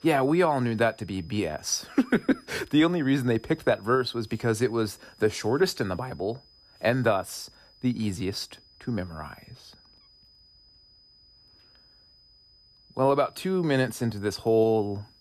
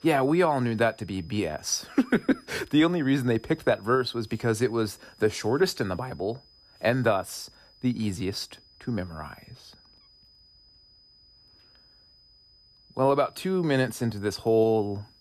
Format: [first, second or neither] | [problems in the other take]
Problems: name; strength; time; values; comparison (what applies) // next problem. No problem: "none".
neither | high-pitched whine; faint; throughout; 5 kHz, 30 dB below the speech; the same in both